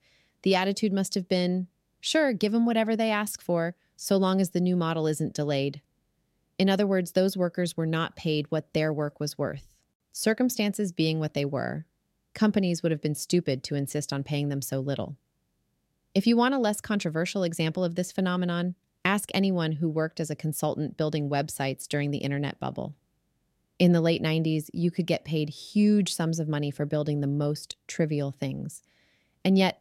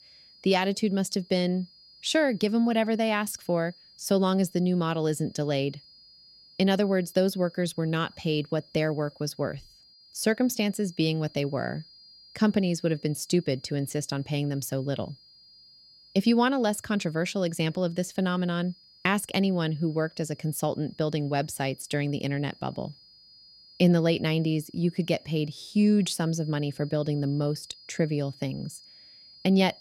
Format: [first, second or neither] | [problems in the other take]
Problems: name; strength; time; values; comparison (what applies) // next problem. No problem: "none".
first | high-pitched whine; faint; throughout; 5 kHz, 25 dB below the speech